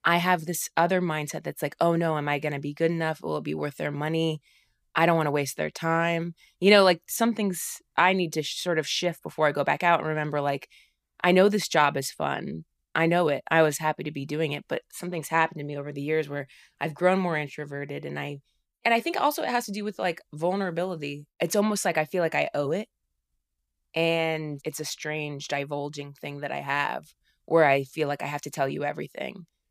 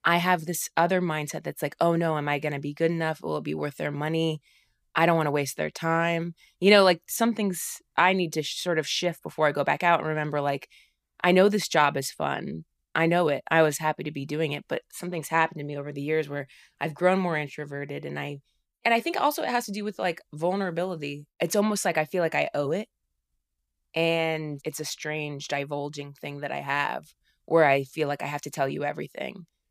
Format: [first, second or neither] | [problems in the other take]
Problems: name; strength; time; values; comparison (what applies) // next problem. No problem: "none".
neither | none